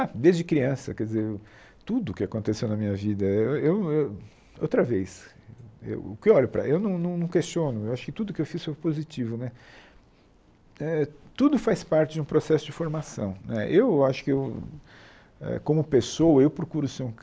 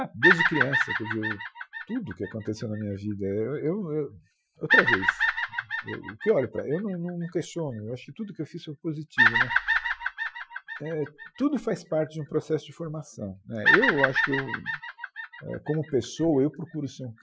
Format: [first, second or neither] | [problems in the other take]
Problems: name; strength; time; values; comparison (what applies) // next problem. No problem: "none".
first | noise reduction (classical method Wiener filter)